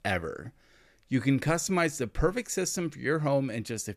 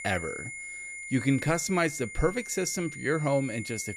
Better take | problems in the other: first | high-pitched whine; loud; throughout; 2 kHz, 10 dB below the speech

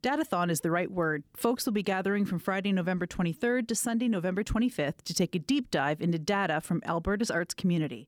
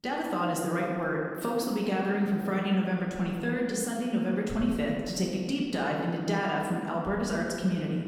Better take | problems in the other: first | room echo; noticeable; dies away in 1.9 s // off-mic speech; far

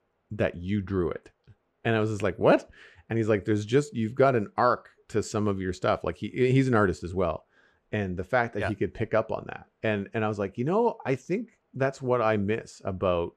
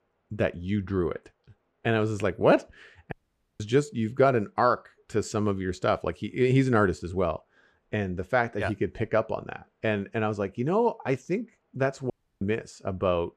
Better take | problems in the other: first | audio cutting out; at 3 s and at 12 s

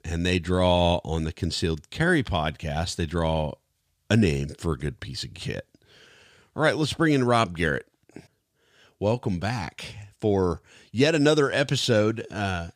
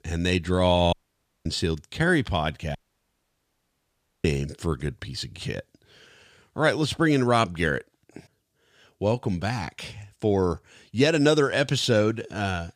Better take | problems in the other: first | audio cutting out; at 1 s for 0.5 s and at 3 s for 1.5 s

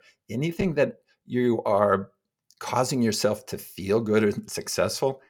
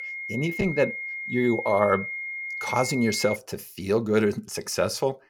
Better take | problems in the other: first | high-pitched whine; loud; until 3.5 s; 2 kHz, 6 dB below the speech

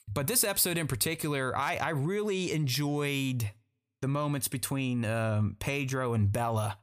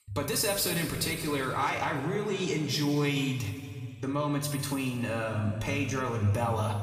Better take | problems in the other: first | room echo; noticeable; dies away in 2 s // off-mic speech; far

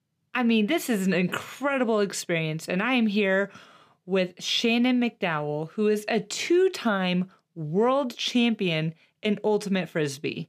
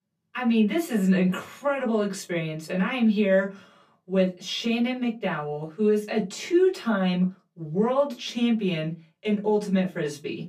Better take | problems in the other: first | off-mic speech; far // room echo; very slight; dies away in 0.2 s

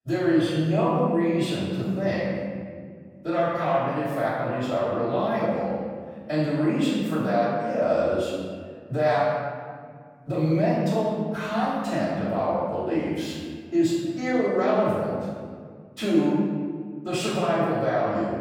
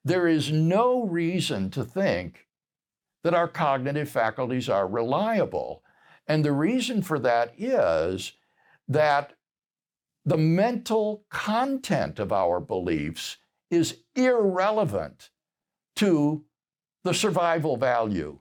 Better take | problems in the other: second | off-mic speech; far // room echo; strong; dies away in 1.8 s

